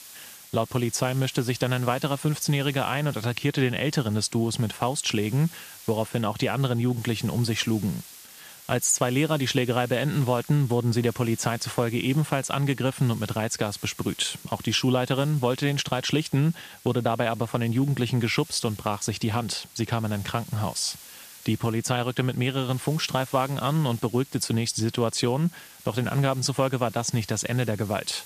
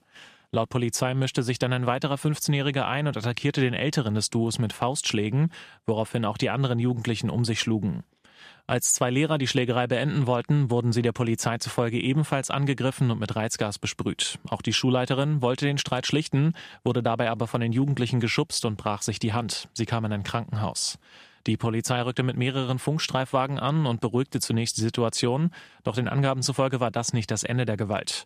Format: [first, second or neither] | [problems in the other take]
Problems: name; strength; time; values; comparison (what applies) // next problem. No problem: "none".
second | hiss; noticeable; throughout; 20 dB below the speech